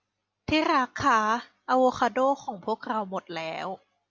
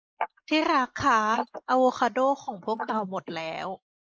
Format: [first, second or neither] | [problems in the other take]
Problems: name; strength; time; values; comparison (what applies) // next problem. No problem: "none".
first | noise reduction (neural mask model Resemble Enhance denoiser)